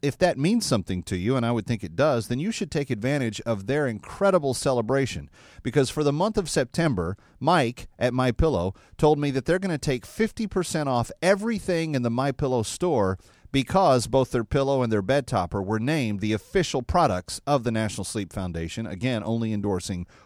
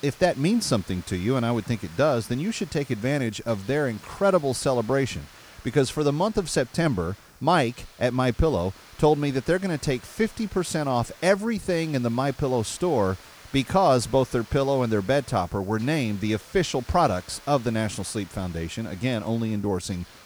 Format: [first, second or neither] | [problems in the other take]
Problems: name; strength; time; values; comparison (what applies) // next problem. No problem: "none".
first | hiss; faint; throughout; 20 dB below the speech